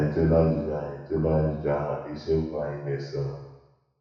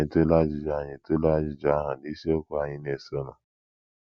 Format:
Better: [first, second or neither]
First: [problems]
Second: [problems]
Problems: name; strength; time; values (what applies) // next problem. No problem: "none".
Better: second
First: room echo; dies away in 1 s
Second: none